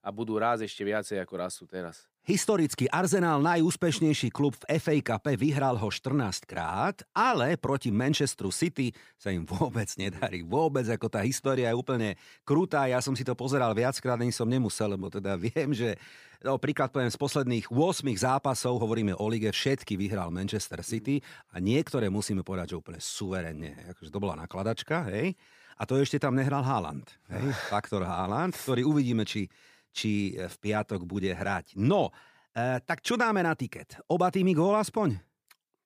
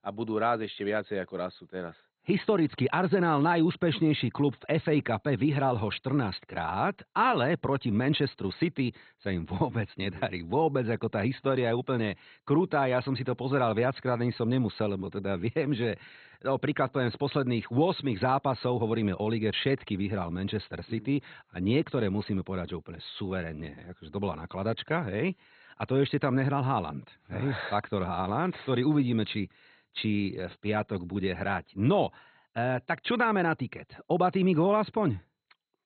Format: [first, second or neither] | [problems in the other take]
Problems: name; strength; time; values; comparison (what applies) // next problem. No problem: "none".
first | garbled, watery; badly; nothing above 4 kHz